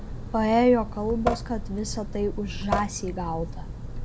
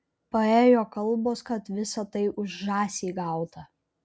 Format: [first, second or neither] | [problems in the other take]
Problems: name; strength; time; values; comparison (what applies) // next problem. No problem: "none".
second | background sound (Drip / Sink (filling or washing) / Water tap, faucet); 5 dB below the speech